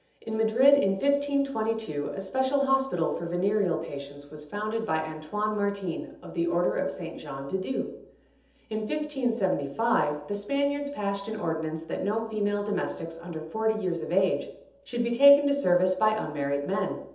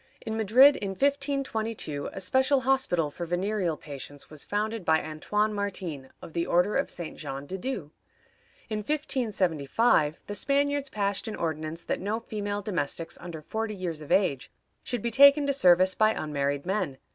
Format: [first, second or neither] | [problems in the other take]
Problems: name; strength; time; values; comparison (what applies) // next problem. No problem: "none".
second | room echo; dies away in 0.8 s